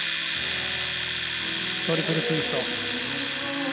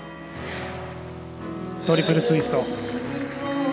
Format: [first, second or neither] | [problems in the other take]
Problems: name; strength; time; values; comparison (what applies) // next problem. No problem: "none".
second | background sound (Domestic sounds, home sounds); 2 dB above the speech